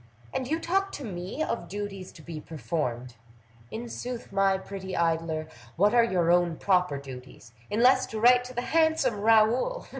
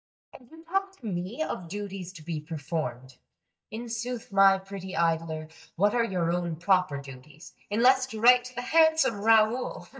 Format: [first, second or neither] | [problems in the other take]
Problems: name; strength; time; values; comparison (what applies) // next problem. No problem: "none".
first | noise reduction (neural mask model DeepFilterNet 3)